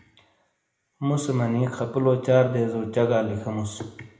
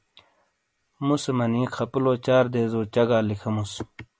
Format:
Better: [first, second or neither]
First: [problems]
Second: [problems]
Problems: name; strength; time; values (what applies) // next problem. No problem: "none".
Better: second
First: room echo; dies away in 0.8 s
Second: none